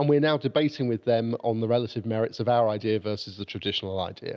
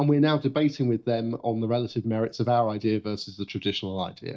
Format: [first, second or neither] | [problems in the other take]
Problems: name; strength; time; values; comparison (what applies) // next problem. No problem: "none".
first | noise reduction (neural mask model DeepFilterNet 3)